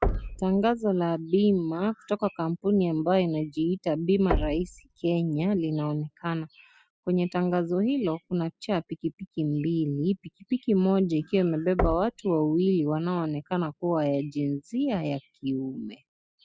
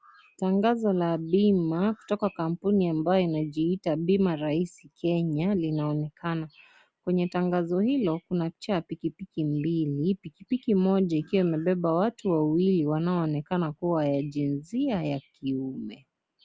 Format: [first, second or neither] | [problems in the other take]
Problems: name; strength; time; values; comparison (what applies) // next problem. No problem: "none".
second | noise reduction (classical method spectral subtraction)